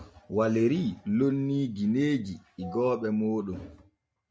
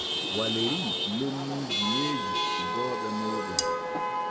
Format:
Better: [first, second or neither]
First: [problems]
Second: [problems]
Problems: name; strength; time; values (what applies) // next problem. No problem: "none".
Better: first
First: none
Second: background sound (Cutlery, silverware + Chatter / Traffic noise, roadway noise / Vehicle horn, car horn, honking / Engine); 4 dB above the speech